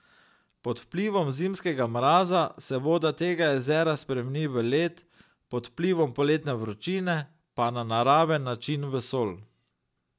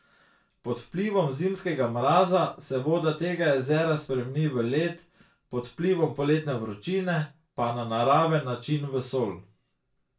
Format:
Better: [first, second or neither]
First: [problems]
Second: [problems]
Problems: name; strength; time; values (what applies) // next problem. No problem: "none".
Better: first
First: none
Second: room echo; dies away in 0.2 s